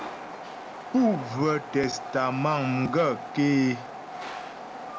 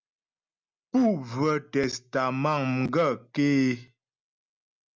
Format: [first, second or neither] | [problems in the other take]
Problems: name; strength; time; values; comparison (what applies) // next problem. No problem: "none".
second | background sound (Train); 10 dB below the speech